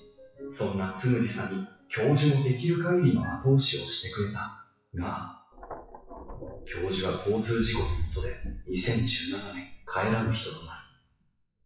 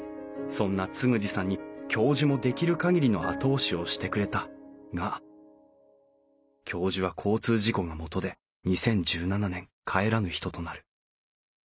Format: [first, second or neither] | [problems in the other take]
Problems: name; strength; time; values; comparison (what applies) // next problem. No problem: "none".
second | noise reduction (classical method WPE with log-MMSE)